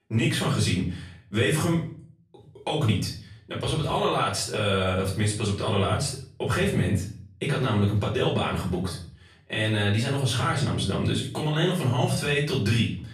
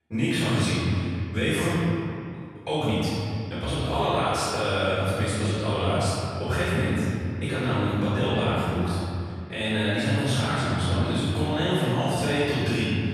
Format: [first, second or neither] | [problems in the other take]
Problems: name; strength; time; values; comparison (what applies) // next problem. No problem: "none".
first | room echo; strong; dies away in 2.3 s; slight in the first // off-mic speech; far; far in the first